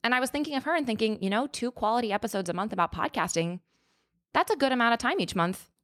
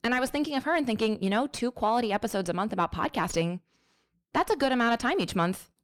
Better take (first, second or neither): first